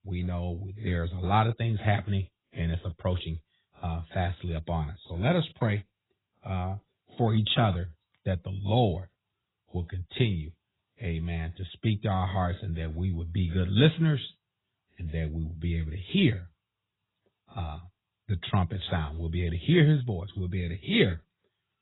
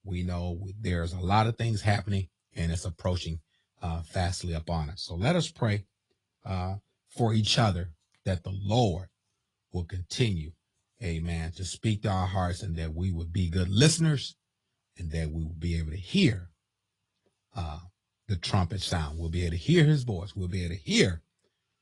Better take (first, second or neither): second